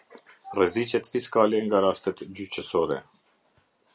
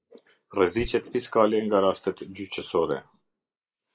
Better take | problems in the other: first | noise reduction (neural mask model Resemble Enhance denoiser)

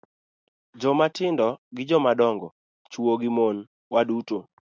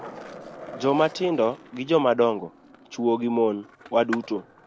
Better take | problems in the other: first | background sound (Skateboard); 17 dB below the speech

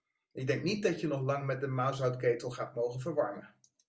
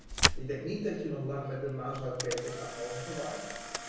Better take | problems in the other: first | background sound (Camera); as loud as the speech // room echo; dies away in 1.2 s

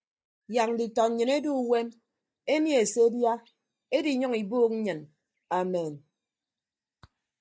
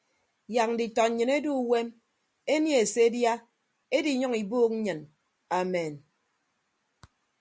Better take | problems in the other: second | noise reduction (neural mask model DeepFilterNet 3)

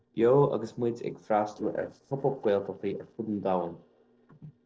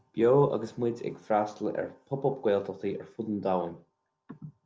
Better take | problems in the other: second | noise reduction (neural separator model SepFormer DNS4)

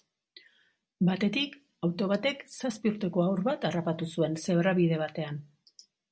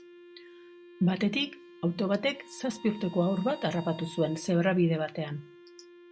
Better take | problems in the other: first | background sound (Wind instrument, woodwind instrument + Bowed string instrument); 20 dB below the speech

